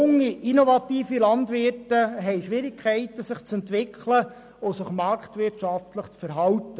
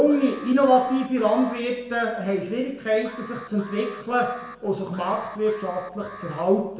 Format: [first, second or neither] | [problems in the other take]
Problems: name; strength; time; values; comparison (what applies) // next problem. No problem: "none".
first | background sound (Alarm); 17 dB below the speech // room echo; dies away in 0.7 s